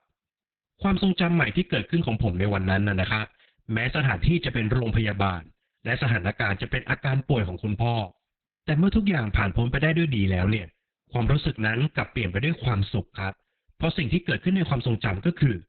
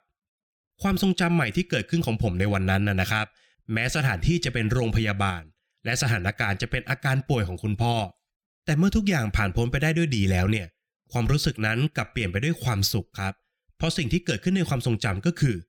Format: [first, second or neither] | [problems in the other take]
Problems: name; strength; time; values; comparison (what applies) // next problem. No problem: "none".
second | garbled, watery; badly; nothing above 4 kHz